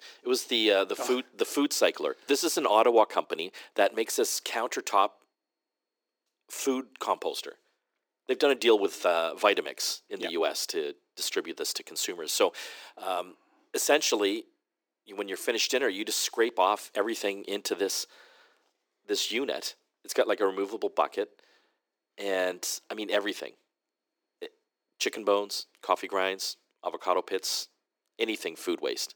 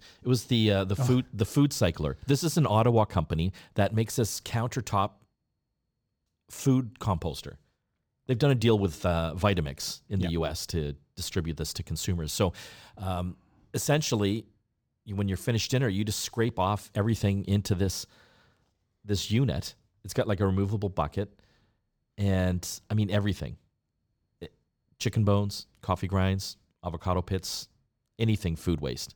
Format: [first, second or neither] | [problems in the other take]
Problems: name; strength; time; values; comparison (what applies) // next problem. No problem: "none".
second | thin; very; fading below 300 Hz